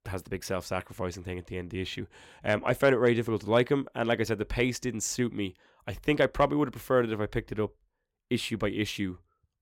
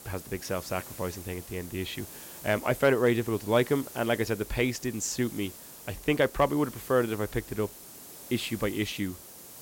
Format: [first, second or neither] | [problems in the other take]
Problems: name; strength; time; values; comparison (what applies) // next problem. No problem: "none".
first | hiss; noticeable; throughout; 15 dB below the speech